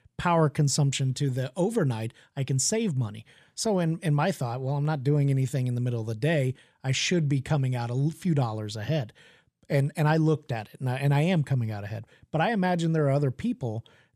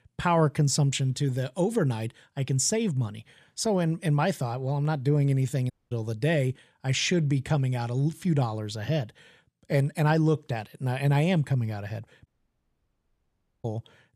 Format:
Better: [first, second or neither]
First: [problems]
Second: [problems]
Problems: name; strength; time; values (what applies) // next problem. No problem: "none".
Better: first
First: none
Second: audio cutting out; at 5.5 s and at 12 s for 1.5 s